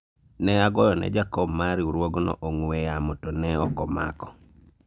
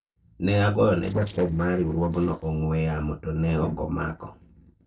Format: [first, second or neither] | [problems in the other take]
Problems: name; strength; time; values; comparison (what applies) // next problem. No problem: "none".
first | noise reduction (neural separator model SepFormer DNS4)